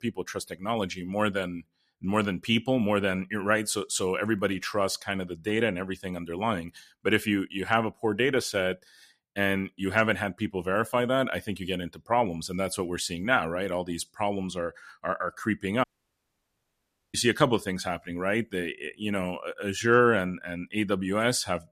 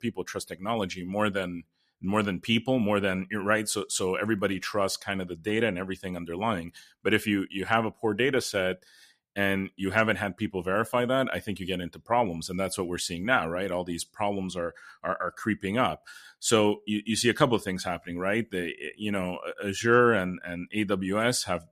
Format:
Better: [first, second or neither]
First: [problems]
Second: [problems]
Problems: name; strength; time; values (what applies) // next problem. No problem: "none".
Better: second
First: audio cutting out; at 16 s for 1.5 s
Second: none